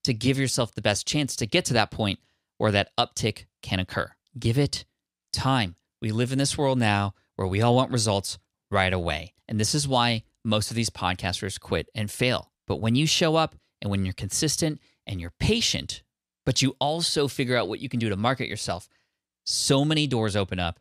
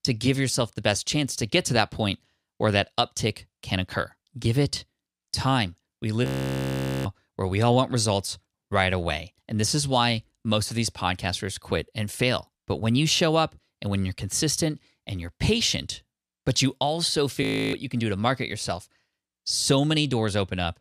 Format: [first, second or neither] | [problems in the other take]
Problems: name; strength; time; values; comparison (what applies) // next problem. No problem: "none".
first | audio freezing; at 6.5 s for 1 s and at 17 s